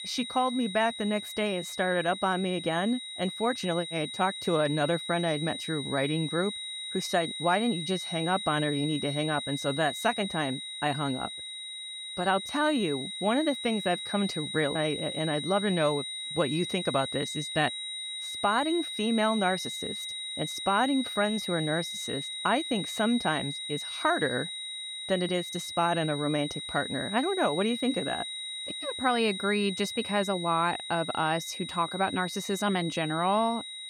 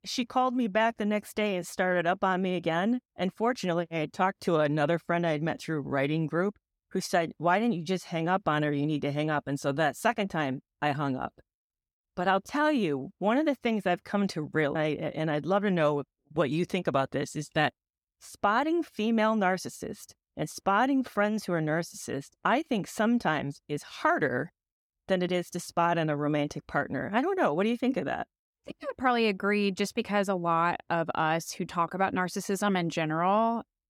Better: second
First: high-pitched whine; loud; throughout; 4 kHz, 6 dB below the speech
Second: none

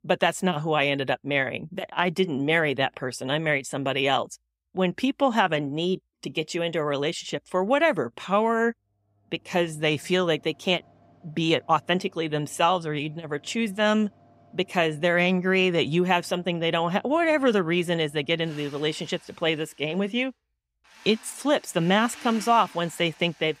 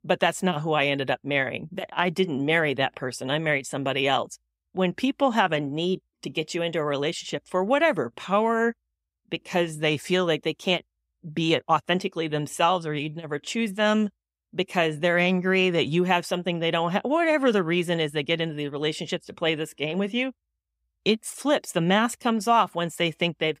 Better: second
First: machinery noise; faint; from 9 s on; 25 dB below the speech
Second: none

